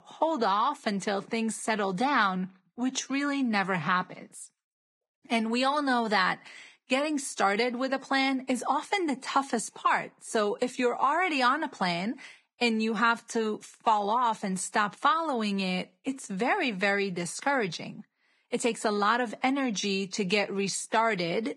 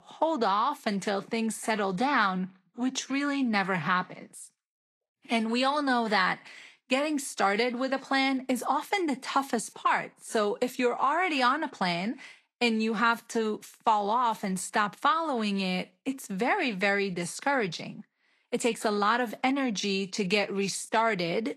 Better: second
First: garbled, watery; badly; nothing above 10.5 kHz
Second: garbled, watery; slightly; nothing above 12 kHz

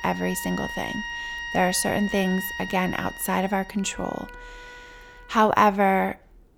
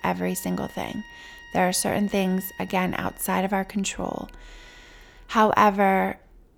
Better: second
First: background music; loud; throughout; 9 dB below the speech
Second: background music; faint; throughout; 20 dB below the speech

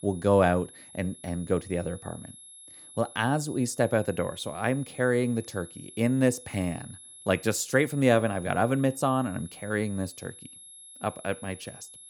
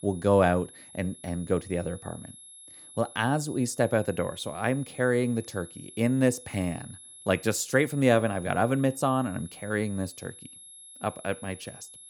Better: neither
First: high-pitched whine; noticeable; throughout; 11 kHz, 20 dB below the speech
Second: high-pitched whine; noticeable; throughout; 11 kHz, 20 dB below the speech

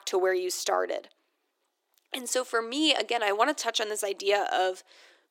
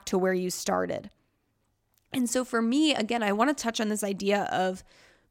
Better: second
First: thin; very; fading below 350 Hz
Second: none

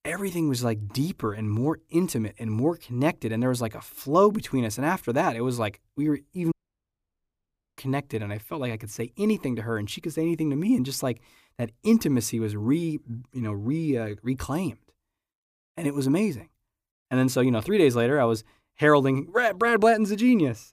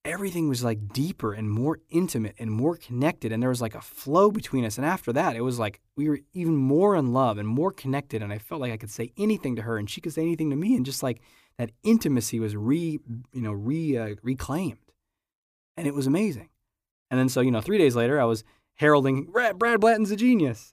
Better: second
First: audio cutting out; at 6.5 s for 1.5 s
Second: none

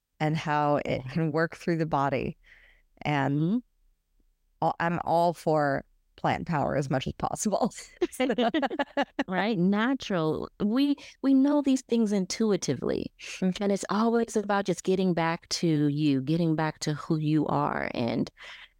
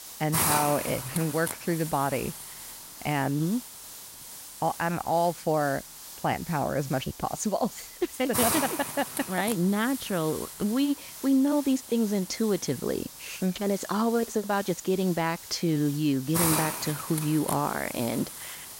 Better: first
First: none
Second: hiss; loud; throughout; 6 dB below the speech

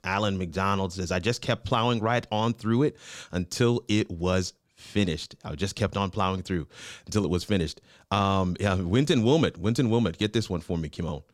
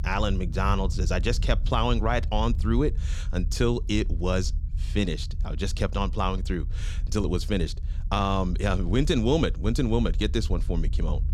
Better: first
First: none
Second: low rumble; faint; throughout; 20 dB below the speech

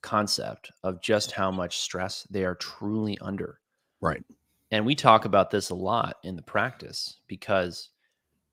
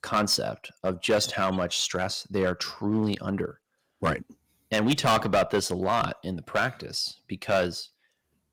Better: first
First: none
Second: distortion; heavy; 4% of the sound clipped

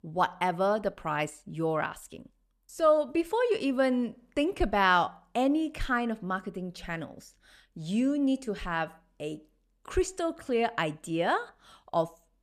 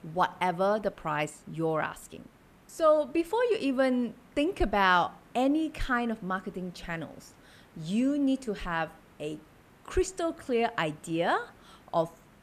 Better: first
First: none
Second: hiss; faint; throughout; 30 dB below the speech

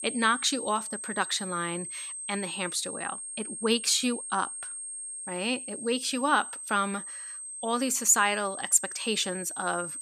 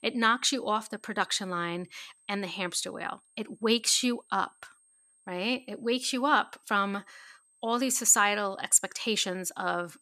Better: second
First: high-pitched whine; loud; throughout; 8.5 kHz, 8 dB below the speech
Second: high-pitched whine; faint; throughout; 8.5 kHz, 35 dB below the speech

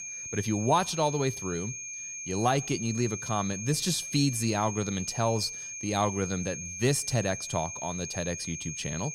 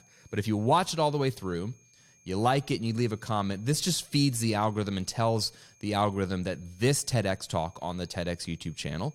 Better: second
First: high-pitched whine; loud; throughout; 6.5 kHz, 6 dB below the speech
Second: high-pitched whine; faint; throughout; 6.5 kHz, 30 dB below the speech

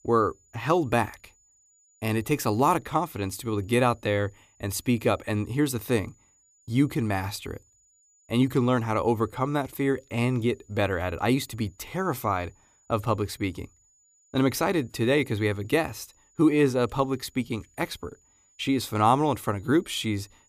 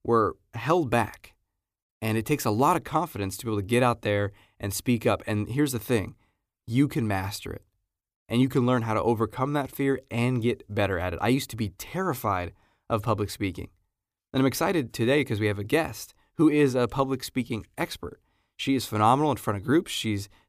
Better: second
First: high-pitched whine; faint; throughout; 7 kHz, 35 dB below the speech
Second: none

